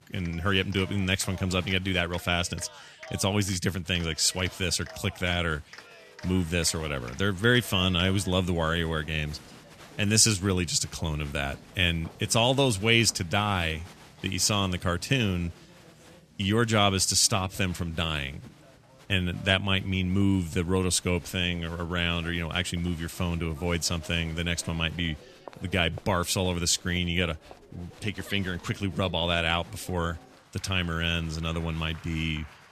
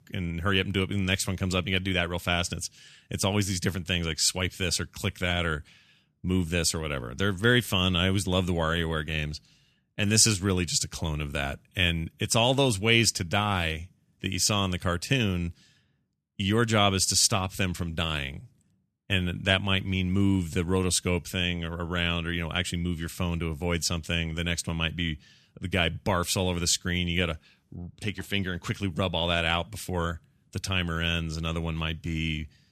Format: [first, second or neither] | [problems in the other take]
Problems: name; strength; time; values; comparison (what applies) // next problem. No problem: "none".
second | crowd noise; faint; throughout; 20 dB below the speech